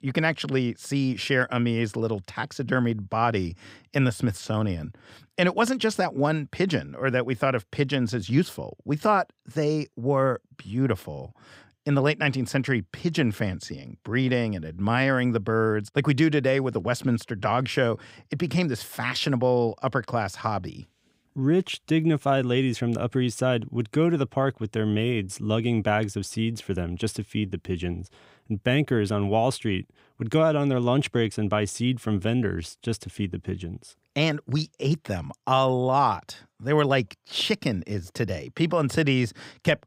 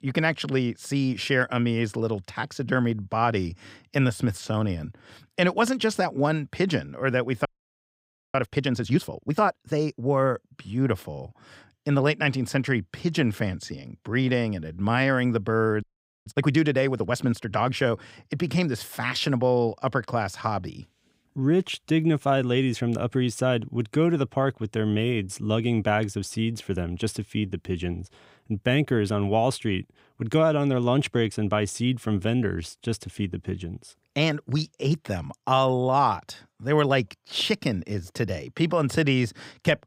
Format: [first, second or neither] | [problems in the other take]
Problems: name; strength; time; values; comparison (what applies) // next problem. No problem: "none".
first | audio freezing; at 7.5 s for 1 s and at 16 s